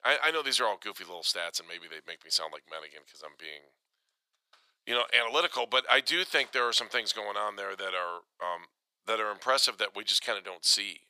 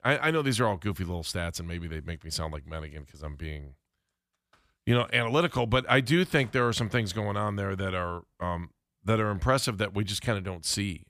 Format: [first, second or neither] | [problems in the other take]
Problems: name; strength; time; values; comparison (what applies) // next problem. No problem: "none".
second | thin; very; fading below 500 Hz